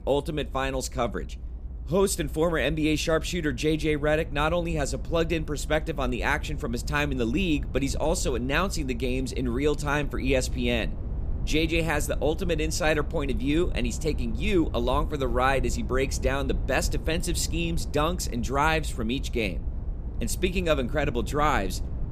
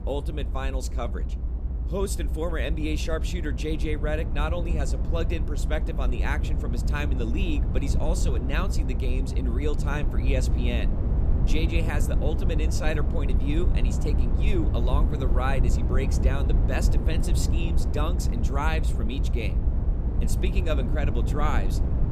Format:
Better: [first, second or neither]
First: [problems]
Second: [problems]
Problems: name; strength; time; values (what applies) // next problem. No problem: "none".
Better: first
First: low rumble; faint; throughout; 20 dB below the speech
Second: low rumble; loud; throughout; 7 dB below the speech